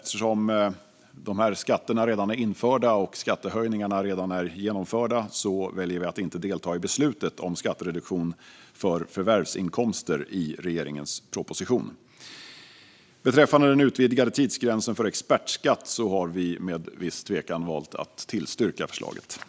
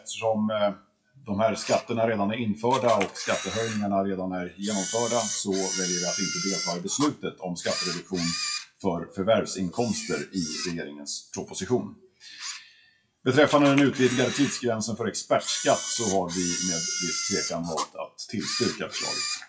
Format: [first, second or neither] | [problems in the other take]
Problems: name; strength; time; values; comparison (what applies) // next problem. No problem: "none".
first | noise reduction (classical method WPE with log-MMSE)